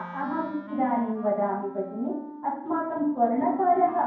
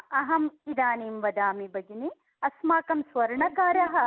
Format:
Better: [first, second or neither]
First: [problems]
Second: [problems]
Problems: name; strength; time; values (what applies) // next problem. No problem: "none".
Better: second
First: background sound (Wind instrument, woodwind instrument); 15 dB below the speech // room echo; dies away in 0.9 s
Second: none